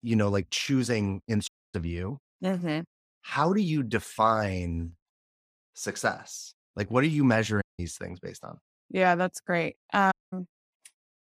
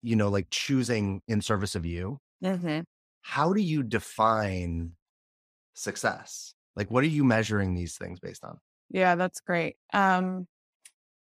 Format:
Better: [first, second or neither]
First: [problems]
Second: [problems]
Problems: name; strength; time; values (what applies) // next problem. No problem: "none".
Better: second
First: audio cutting out; at 1.5 s, at 7.5 s and at 10 s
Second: none